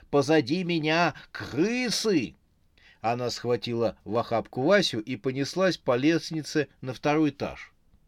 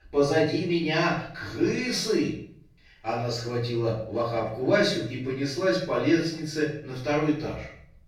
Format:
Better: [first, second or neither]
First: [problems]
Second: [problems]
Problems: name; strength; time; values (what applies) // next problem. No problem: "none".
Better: first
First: none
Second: off-mic speech; far // room echo; noticeable; dies away in 0.5 s